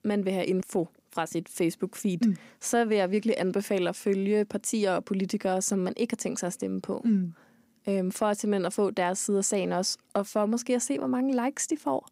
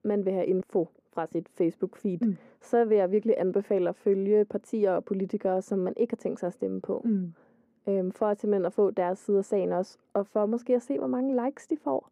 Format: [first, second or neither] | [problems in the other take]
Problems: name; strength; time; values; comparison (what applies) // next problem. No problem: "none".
first | muffled; very; fading above 2.5 kHz